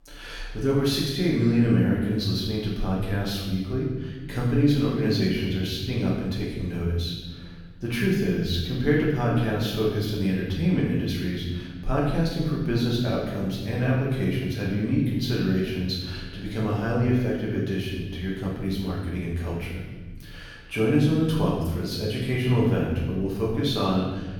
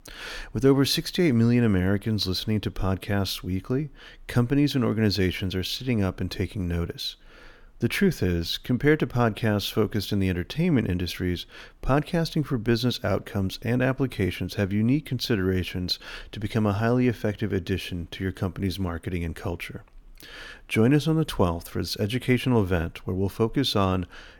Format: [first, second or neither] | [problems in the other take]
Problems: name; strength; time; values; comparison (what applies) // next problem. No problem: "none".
second | room echo; noticeable; dies away in 1.4 s // off-mic speech; far